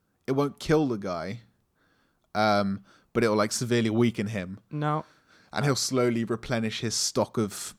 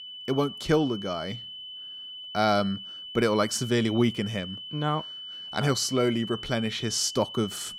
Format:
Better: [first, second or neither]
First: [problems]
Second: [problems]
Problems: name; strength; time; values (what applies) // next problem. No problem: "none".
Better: first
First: none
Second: high-pitched whine; noticeable; throughout; 3 kHz, 10 dB below the speech